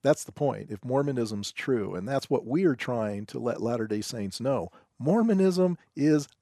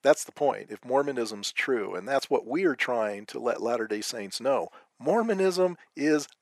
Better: first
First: none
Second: thin; somewhat; fading below 400 Hz

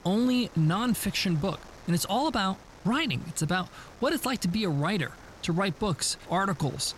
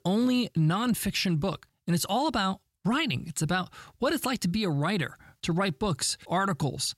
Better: second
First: wind noise on the microphone; occasional gusts; 20 dB below the speech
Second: none

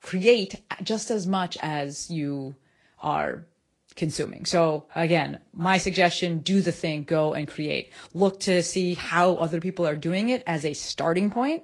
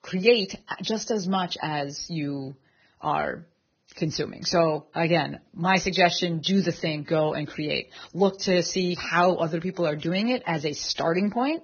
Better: first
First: garbled, watery; slightly; nothing above 10 kHz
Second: garbled, watery; badly; nothing above 6.5 kHz

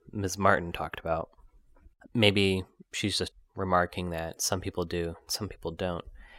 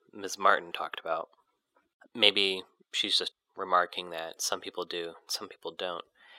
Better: first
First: none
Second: thin; very; fading below 400 Hz

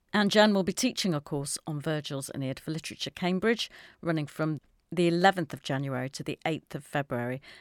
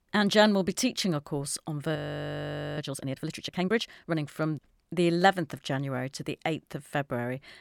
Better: first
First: none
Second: audio freezing; at 2 s for 1 s

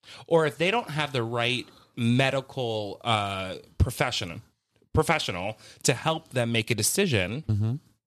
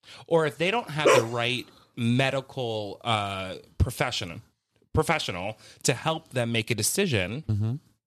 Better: first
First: none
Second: dog barking; loud; at 1 s; peak 6 dB above the speech

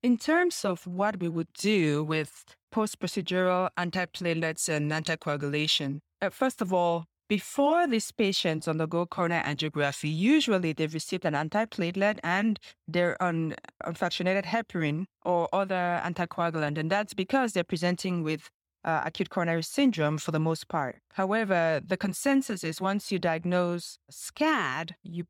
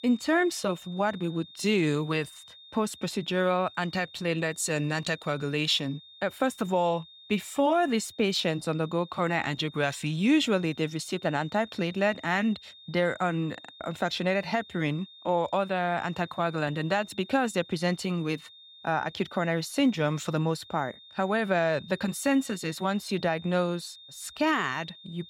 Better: first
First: none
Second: high-pitched whine; noticeable; throughout; 3.5 kHz, 20 dB below the speech

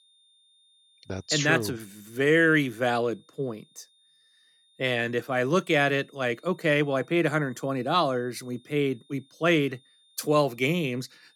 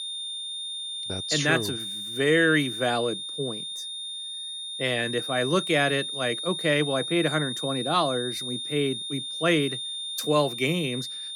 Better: first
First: high-pitched whine; faint; throughout; 3.5 kHz, 35 dB below the speech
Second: high-pitched whine; loud; throughout; 3.5 kHz, 5 dB below the speech

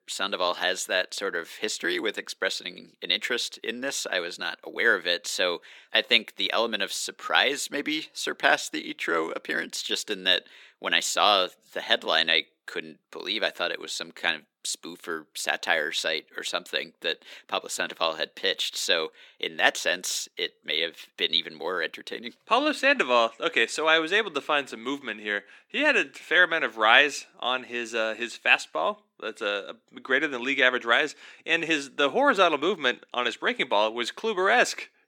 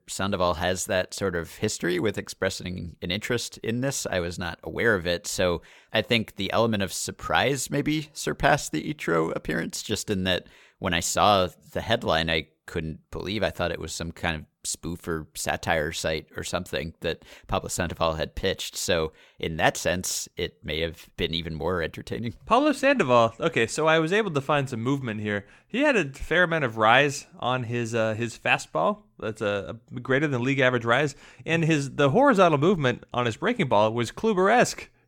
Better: second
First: thin; somewhat; fading below 250 Hz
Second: none

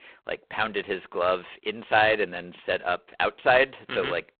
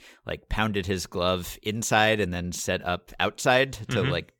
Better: second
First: phone-call audio; poor line; nothing above 4 kHz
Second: none

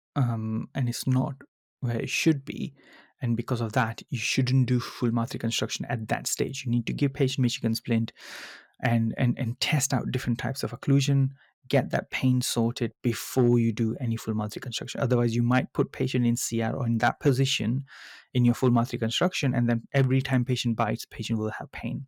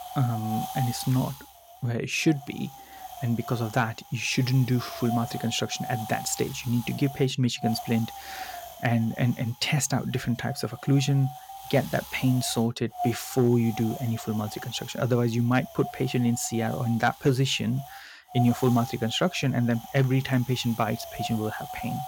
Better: first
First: none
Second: wind noise on the microphone; heavy; 9 dB below the speech

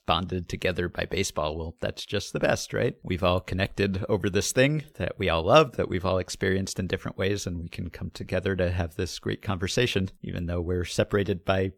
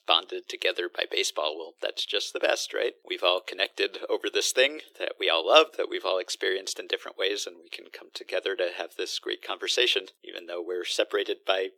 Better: first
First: none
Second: thin; very; fading below 350 Hz

